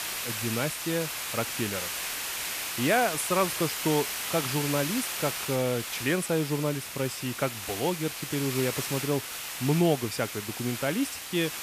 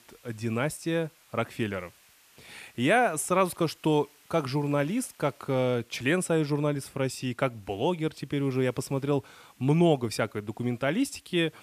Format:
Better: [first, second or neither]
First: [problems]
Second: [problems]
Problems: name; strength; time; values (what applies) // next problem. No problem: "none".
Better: second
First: hiss; loud; throughout; 3 dB below the speech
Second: hiss; faint; throughout; 30 dB below the speech